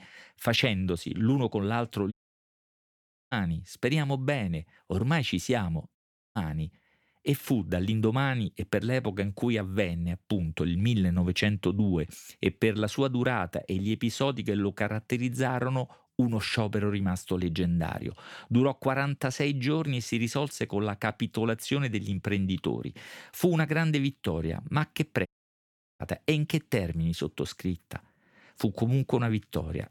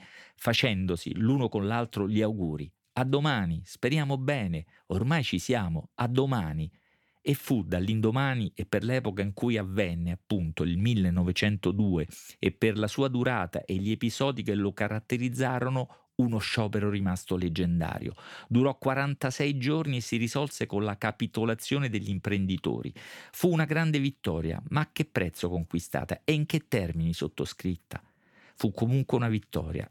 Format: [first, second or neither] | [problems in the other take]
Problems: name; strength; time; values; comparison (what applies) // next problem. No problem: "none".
second | audio cutting out; at 2 s for 1 s, at 6 s and at 25 s for 0.5 s